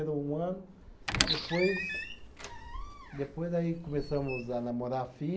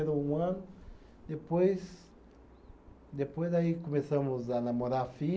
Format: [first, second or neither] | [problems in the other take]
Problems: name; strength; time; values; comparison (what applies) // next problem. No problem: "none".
second | background sound (Squeak); 3 dB below the speech